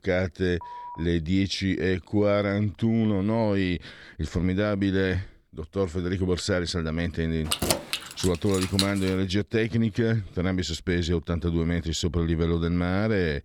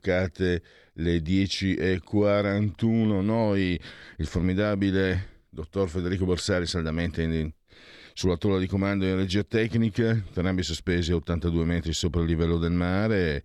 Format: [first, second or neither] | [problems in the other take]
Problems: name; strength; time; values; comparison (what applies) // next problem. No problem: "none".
second | phone ringing; faint; at 0.5 s; peak 15 dB below the speech // jangling keys; loud; from 7.5 to 9 s; peak 1 dB above the speech